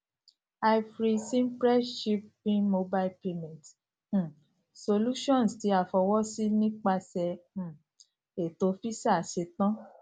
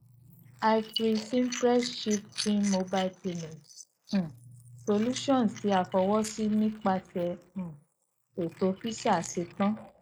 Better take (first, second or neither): first